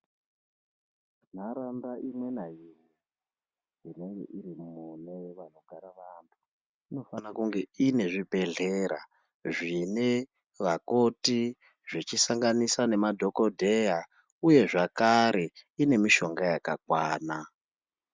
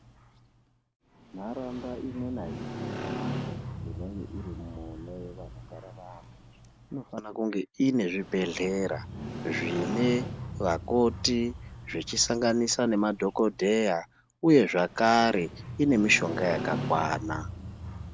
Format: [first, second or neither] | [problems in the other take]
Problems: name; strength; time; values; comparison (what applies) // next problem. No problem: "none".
first | background sound (Motorcycle); 10 dB below the speech